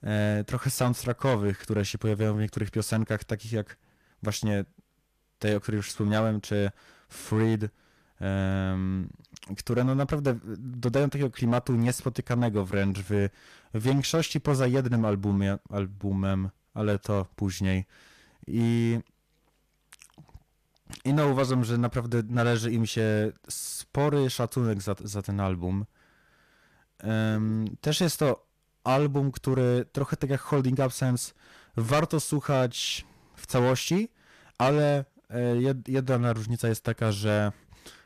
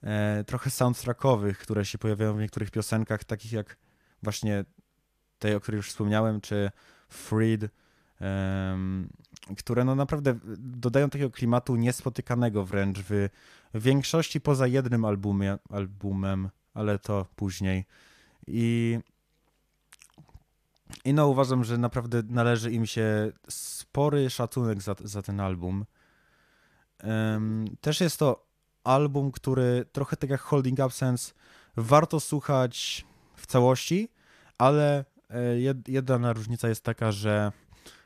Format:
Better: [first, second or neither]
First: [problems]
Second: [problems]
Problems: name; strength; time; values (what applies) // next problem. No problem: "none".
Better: second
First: distortion; slight; 5% of the sound clipped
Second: none